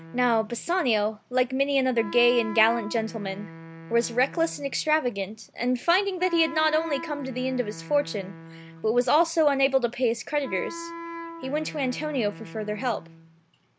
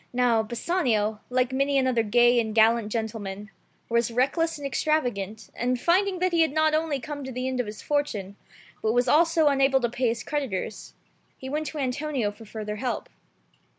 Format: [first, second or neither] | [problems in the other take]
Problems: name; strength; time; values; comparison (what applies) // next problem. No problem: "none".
second | background sound (Wind instrument, woodwind instrument); 15 dB below the speech